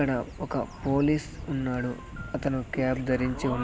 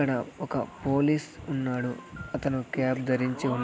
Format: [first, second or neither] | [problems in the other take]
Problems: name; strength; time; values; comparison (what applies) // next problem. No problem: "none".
second | background sound (Wind / Bird); 13 dB below the speech